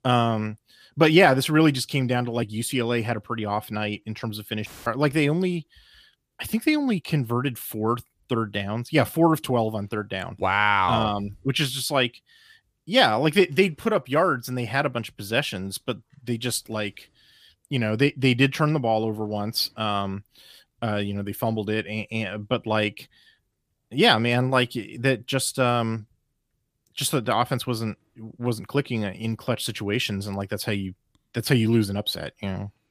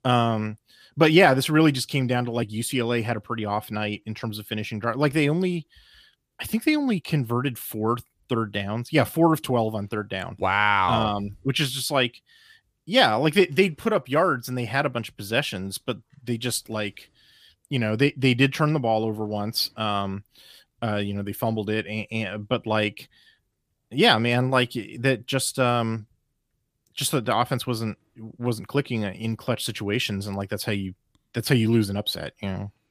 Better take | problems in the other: second | audio cutting out; filled with static; at 4.5 s

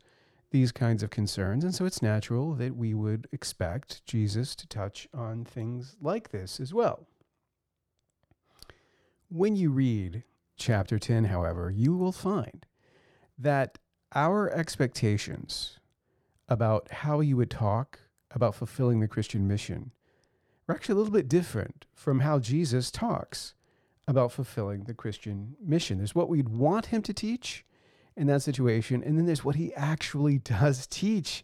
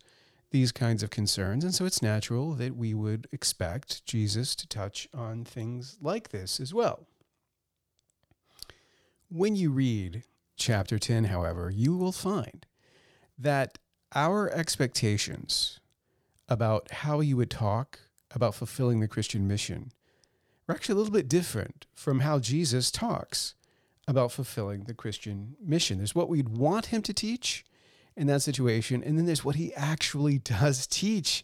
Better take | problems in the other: second | muffled; slightly; fading above 2.5 kHz

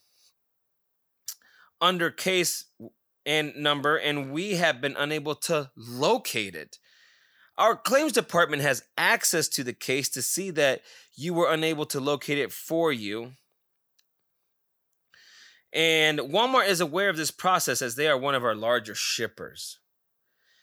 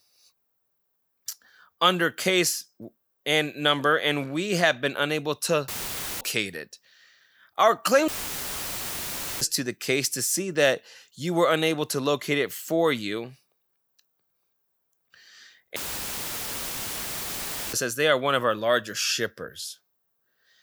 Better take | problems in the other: first | audio cutting out; filled with static; at 5.5 s for 0.5 s, at 8 s for 1.5 s and at 16 s for 2 s

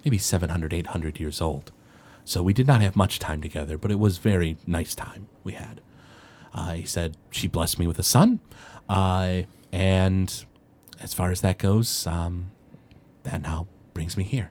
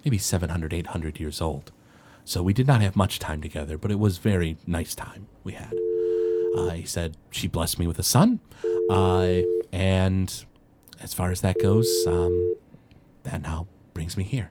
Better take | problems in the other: first | phone ringing; loud; from 5.5 to 13 s; peak 2 dB above the speech

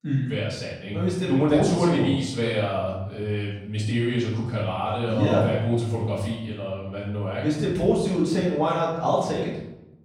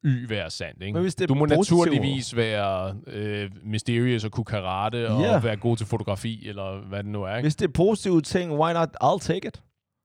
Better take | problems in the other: second | off-mic speech; far // room echo; noticeable; dies away in 0.7 s

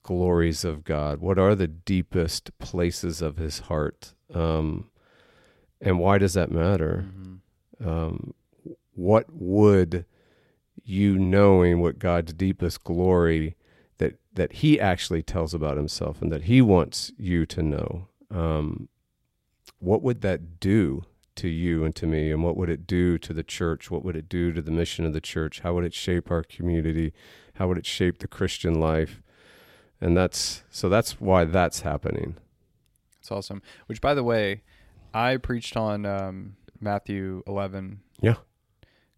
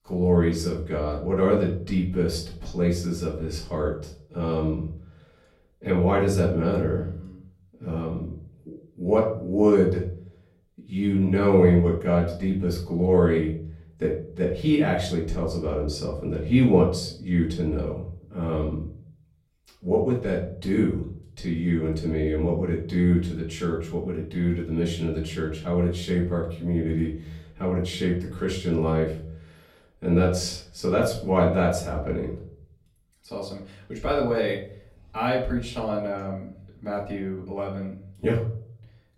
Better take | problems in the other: first | off-mic speech; far // room echo; slight; dies away in 0.5 s

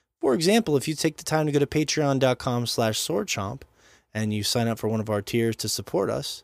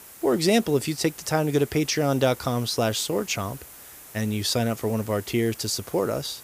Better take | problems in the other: first | hiss; noticeable; throughout; 20 dB below the speech

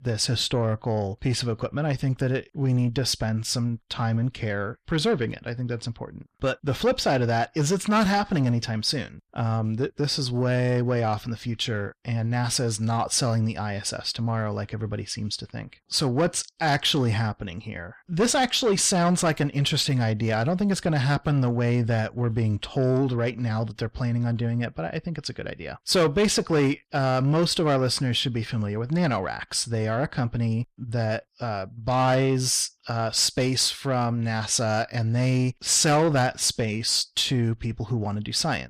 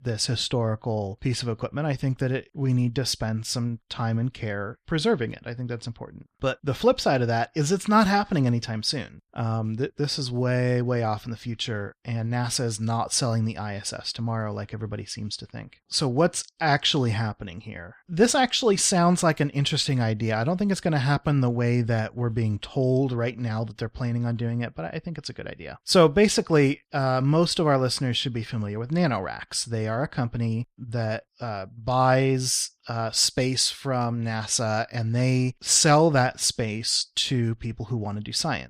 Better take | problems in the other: second | distortion; slight; 10 dB below the speech

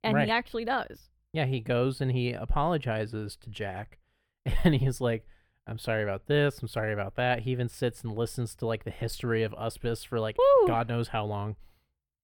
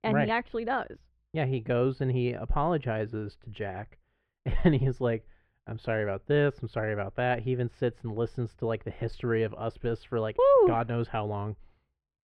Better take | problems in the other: first | muffled; slightly; fading above 2.5 kHz

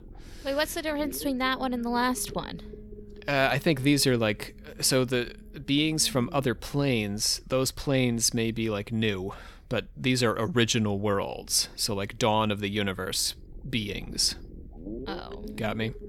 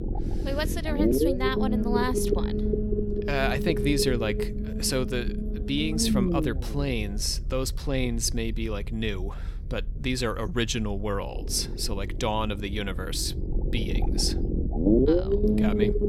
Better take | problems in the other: first | low rumble; loud; throughout; as loud as the speech; faint in the first

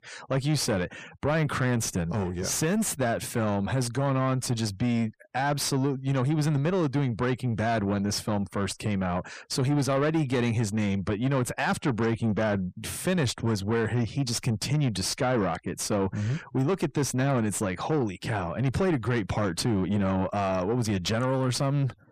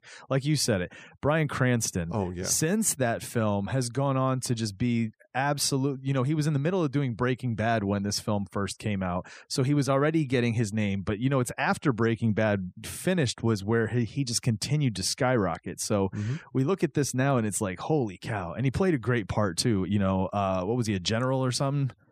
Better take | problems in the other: second | distortion; slight; 10 dB below the speech

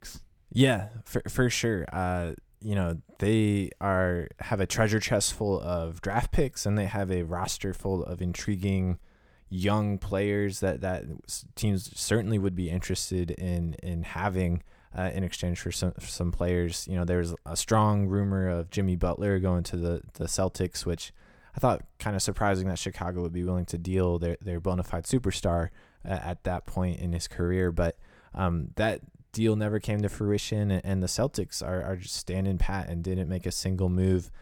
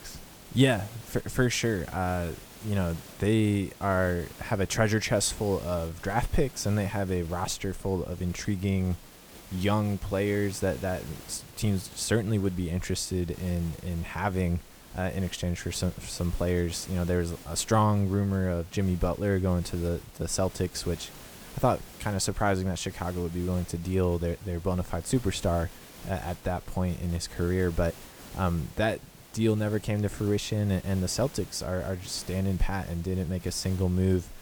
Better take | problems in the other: first | hiss; noticeable; throughout; 20 dB below the speech

